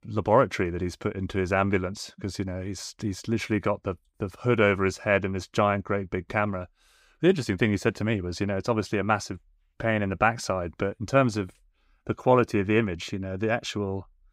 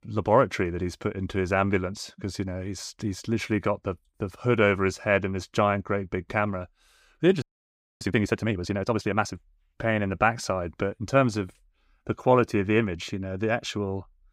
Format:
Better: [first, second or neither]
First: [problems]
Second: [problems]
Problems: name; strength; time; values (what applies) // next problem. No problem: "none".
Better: first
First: none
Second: audio freezing; at 7.5 s for 0.5 s